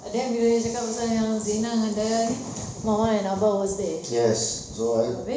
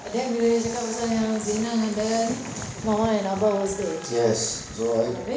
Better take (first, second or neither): first